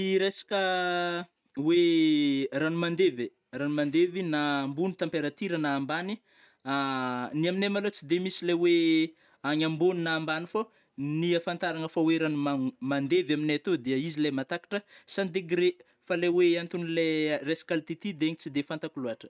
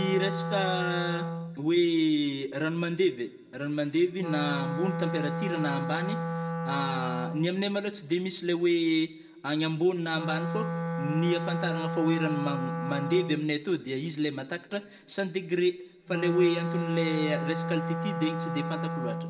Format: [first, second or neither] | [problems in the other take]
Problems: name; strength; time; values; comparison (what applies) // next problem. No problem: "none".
first | background sound (Wind instrument, woodwind instrument); 4 dB below the speech // room echo; dies away in 1.3 s